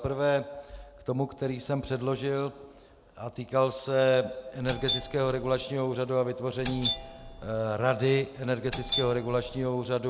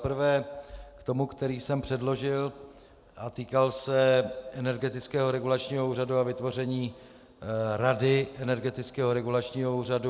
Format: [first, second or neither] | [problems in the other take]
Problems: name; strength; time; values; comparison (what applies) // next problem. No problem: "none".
second | background sound (Doorbell); 6 dB below the speech